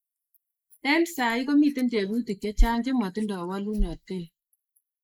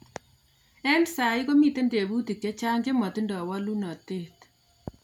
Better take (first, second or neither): second